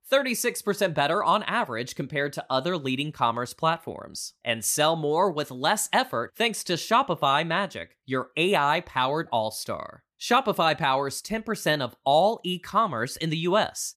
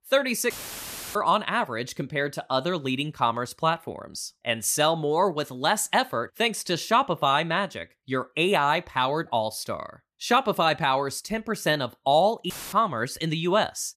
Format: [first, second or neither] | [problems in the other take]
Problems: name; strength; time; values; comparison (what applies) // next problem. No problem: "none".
first | audio cutting out; filled with static; at 0.5 s for 0.5 s and at 13 s